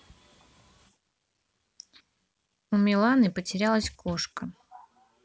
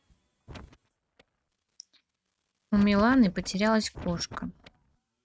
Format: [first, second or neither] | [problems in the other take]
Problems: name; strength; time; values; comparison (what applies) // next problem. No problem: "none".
first | noise reduction (neural mask model RNNoise)